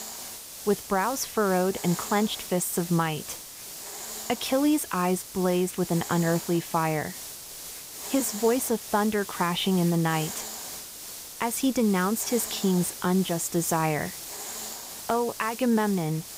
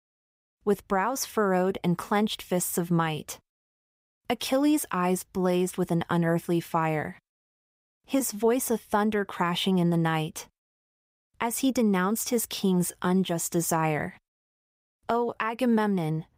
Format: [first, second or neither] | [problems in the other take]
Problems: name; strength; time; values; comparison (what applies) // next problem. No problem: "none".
second | hiss; loud; throughout; 10 dB below the speech